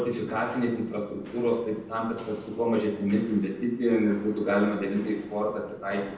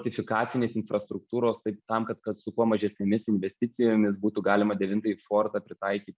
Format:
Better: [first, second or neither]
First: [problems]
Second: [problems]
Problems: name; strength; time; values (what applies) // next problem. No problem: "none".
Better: second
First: background sound (Walk, footsteps); 20 dB below the speech // room echo; dies away in 0.9 s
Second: none